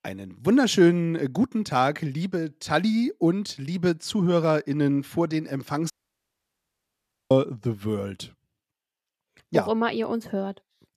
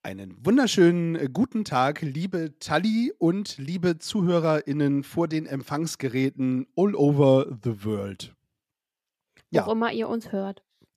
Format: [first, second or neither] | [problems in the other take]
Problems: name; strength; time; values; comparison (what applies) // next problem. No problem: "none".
second | audio cutting out; at 6 s for 1.5 s